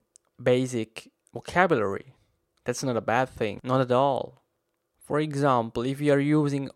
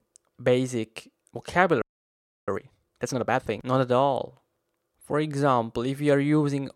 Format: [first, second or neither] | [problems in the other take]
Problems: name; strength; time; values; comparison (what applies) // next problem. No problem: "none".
first | audio freezing; at 2 s for 0.5 s